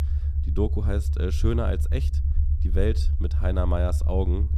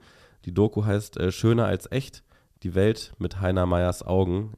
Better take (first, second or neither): second